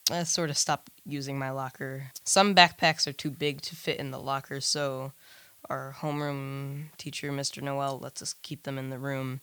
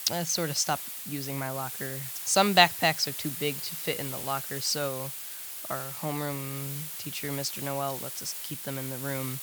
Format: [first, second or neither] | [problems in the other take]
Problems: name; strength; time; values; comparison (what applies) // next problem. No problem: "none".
first | hiss; loud; throughout; 5 dB below the speech; faint in the first